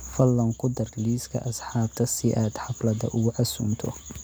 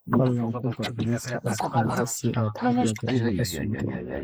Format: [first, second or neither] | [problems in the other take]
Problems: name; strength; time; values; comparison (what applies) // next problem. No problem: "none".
first | noise reduction (neural mask model Resemble Enhance denoiser)